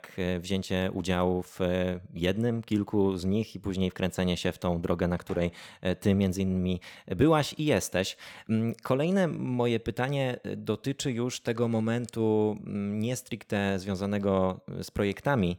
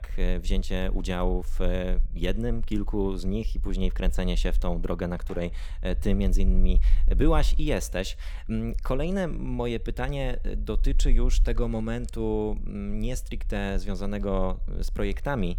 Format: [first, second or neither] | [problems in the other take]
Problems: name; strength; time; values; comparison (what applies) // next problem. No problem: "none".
first | low rumble; faint; throughout; 25 dB below the speech